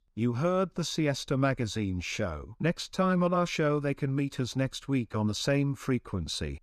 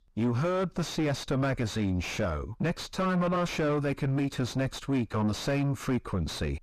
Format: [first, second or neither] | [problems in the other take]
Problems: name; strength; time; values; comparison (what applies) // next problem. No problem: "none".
first | distortion; heavy; 5 dB below the speech